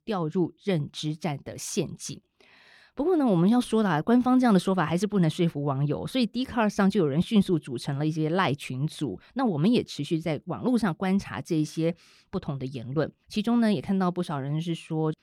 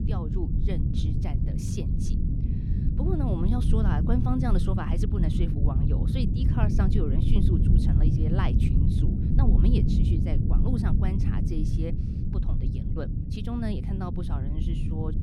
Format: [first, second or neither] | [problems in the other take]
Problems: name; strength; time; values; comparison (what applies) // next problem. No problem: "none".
first | low rumble; loud; throughout; as loud as the speech